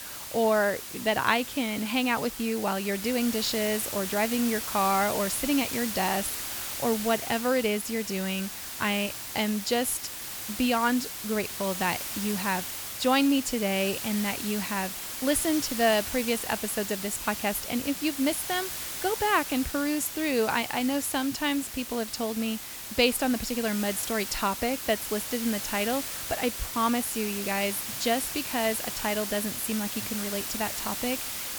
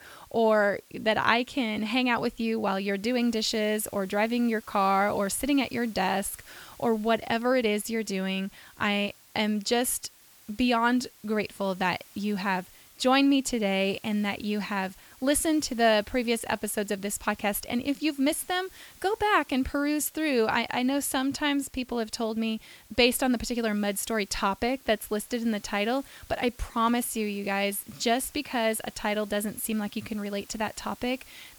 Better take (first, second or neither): second